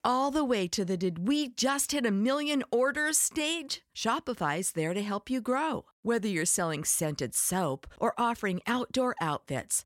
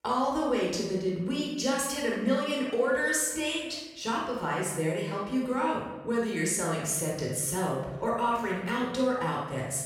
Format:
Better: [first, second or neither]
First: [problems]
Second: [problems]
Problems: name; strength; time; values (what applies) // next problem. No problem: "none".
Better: first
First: none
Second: off-mic speech; far // room echo; noticeable; dies away in 1 s